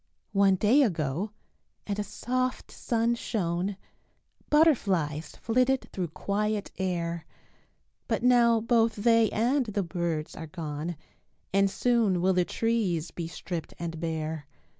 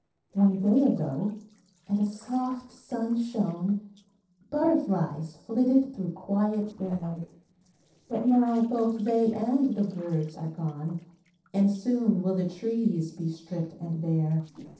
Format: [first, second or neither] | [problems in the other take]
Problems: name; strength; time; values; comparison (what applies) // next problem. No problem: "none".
first | noise reduction (neural separator model SepFormer DNS4)